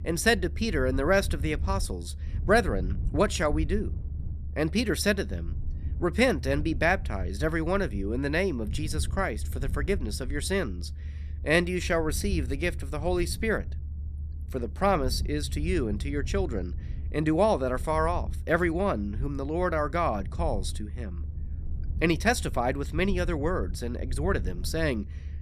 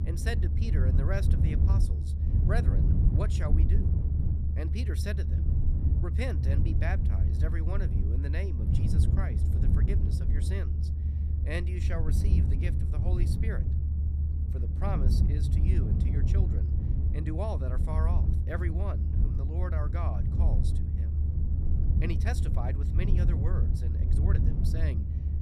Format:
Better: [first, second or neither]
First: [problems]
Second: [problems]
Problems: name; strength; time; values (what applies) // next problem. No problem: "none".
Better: first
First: low rumble; faint; throughout; 25 dB below the speech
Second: low rumble; loud; throughout; 1 dB below the speech